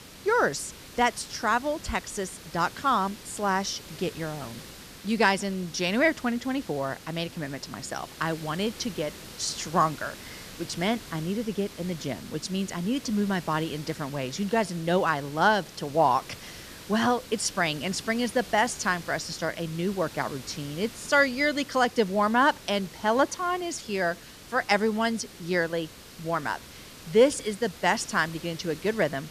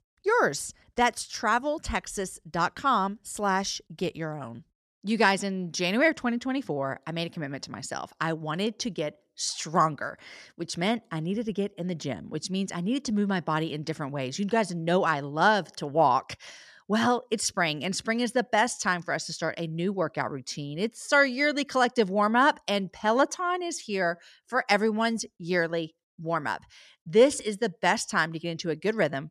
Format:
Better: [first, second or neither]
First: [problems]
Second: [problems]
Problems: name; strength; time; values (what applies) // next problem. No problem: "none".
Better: second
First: hiss; noticeable; throughout; 15 dB below the speech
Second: none